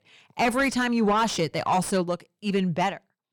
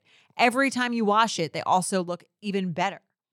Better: second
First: distortion; heavy; 8 dB below the speech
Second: none

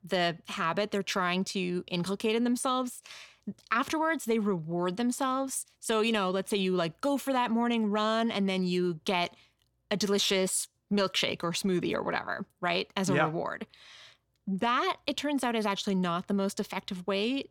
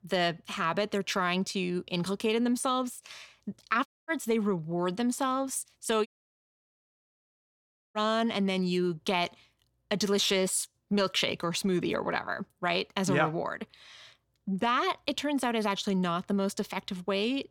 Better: first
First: none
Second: audio cutting out; at 4 s and at 6 s for 2 s

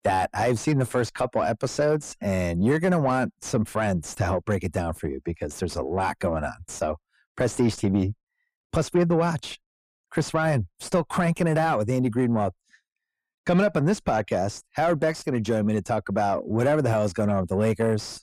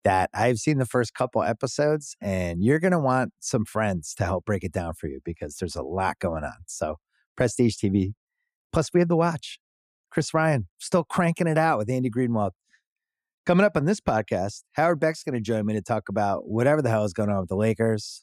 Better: second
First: distortion; slight; 10 dB below the speech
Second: none

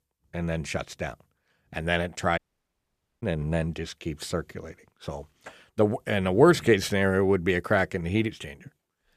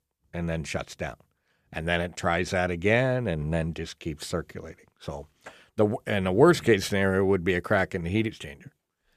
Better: second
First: audio cutting out; at 2.5 s for 1 s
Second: none

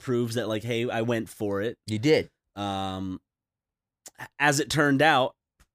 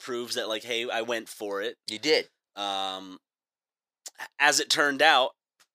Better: first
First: none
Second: thin; somewhat; fading below 500 Hz

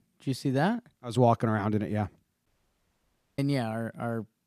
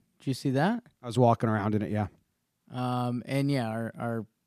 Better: second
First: audio cutting out; at 2.5 s for 1 s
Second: none

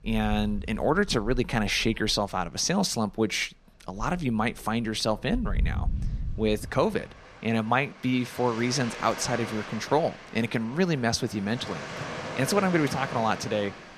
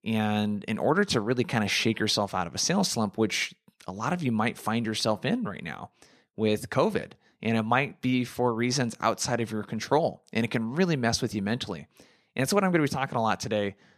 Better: second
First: rain or running water; noticeable; throughout; 10 dB below the speech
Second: none

